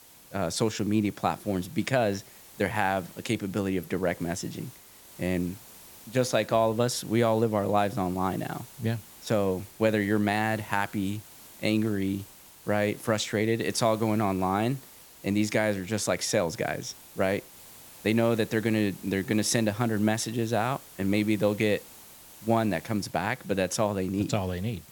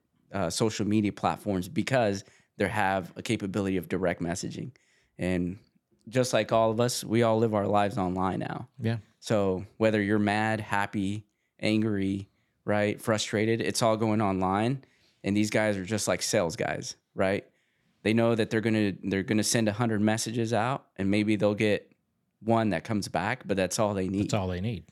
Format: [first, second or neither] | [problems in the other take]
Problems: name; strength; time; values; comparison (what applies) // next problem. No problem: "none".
second | hiss; noticeable; throughout; 20 dB below the speech